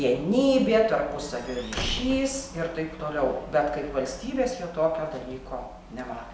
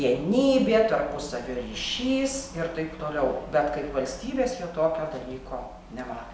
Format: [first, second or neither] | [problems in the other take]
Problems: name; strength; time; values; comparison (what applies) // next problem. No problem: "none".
second | background sound (Squeak / Slam / Wood); 9 dB below the speech